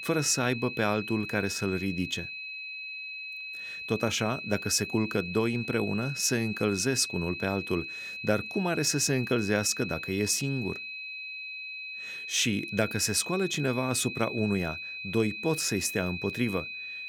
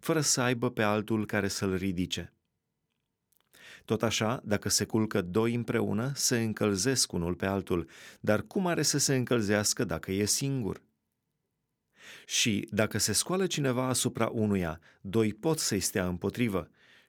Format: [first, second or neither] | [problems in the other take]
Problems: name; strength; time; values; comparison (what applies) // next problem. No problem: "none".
second | high-pitched whine; loud; throughout; 2.5 kHz, 7 dB below the speech